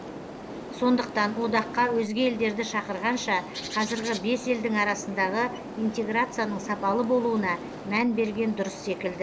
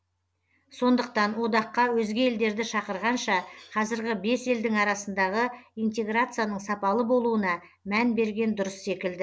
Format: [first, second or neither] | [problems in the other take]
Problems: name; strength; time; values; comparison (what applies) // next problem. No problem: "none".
second | background sound (Bird); 11 dB below the speech